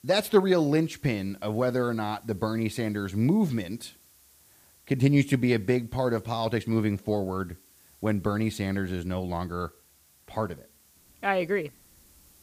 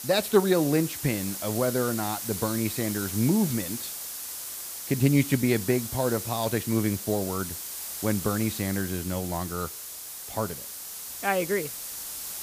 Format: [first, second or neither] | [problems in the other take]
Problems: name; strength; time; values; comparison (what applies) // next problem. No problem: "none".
first | hiss; loud; throughout; 6 dB below the speech; faint in the first